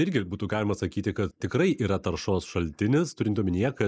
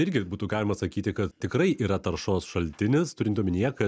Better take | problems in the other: second | noise reduction (neural mask model Resemble Enhance denoiser)

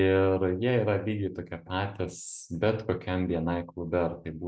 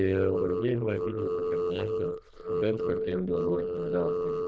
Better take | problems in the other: first | noise reduction (neural diffusion model UNIVERSE++)

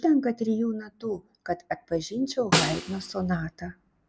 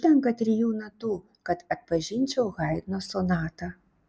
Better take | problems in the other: second | background sound (Snare drum); 1 dB below the speech

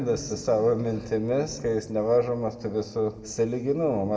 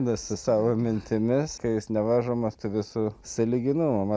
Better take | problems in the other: second | room echo; dies away in 1.2 s

